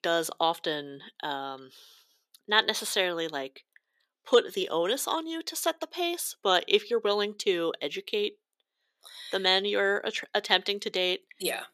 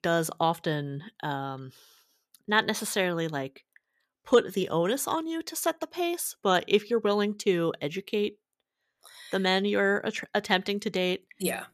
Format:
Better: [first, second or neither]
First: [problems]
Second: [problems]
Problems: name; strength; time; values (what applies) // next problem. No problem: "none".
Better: second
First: thin; somewhat; fading below 400 Hz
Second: none